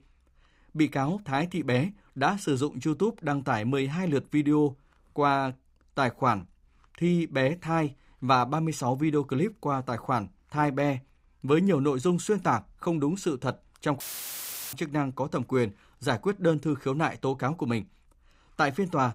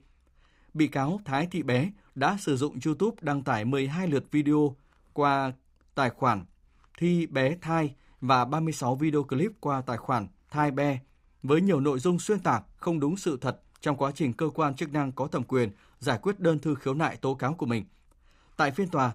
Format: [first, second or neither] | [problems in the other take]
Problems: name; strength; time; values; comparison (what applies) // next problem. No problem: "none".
second | audio cutting out; filled with static; at 14 s for 0.5 s